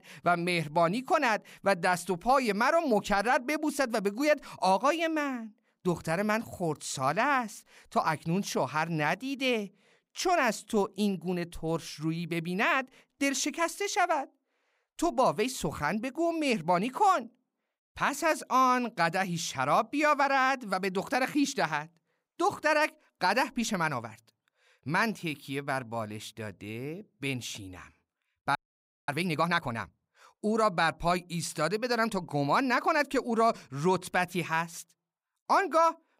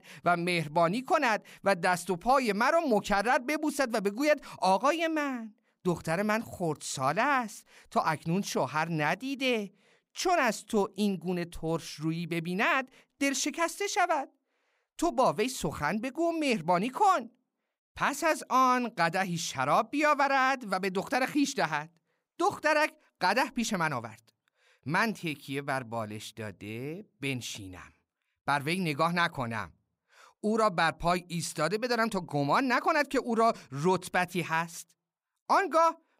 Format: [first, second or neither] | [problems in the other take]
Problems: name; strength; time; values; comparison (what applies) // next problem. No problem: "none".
second | audio freezing; at 29 s for 0.5 s